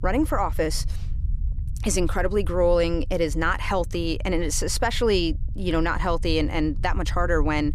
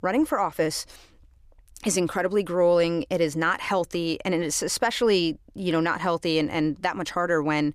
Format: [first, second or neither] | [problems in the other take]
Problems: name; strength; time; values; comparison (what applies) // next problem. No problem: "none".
second | low rumble; faint; throughout; 25 dB below the speech